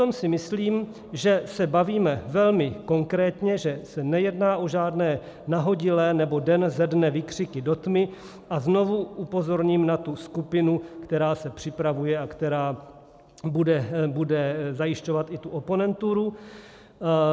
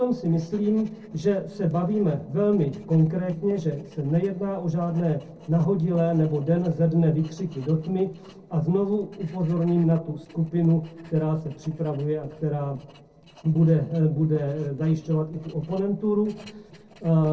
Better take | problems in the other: first | noise reduction (neural separator model SepFormer DNS4)

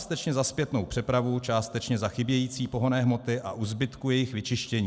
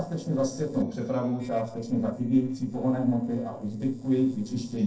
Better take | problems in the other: first | noise reduction (neural separator model SepFormer DNS4)

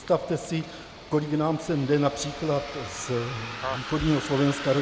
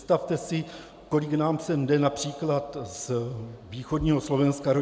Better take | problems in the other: second | background sound (Bus); 11 dB below the speech

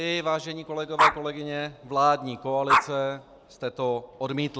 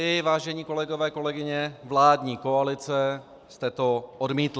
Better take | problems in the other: second | background sound (Dog); 2 dB below the speech

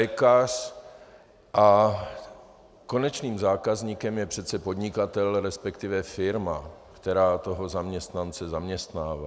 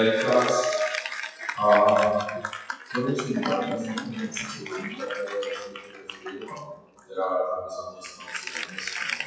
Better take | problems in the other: first | noise reduction (classical method WPE with log-MMSE)

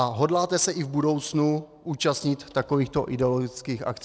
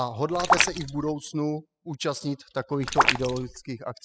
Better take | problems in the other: first | noise reduction (classical method spectral subtraction)

